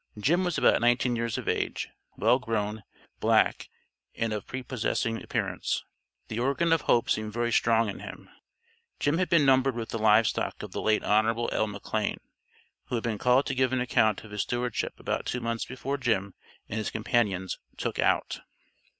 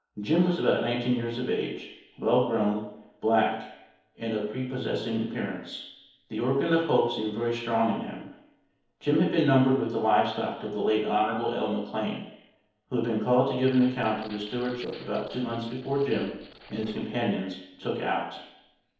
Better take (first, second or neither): first